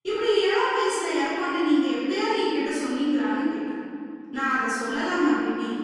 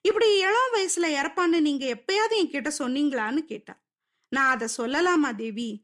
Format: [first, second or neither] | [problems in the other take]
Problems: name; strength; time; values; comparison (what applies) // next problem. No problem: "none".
second | off-mic speech; far // room echo; strong; dies away in 2.3 s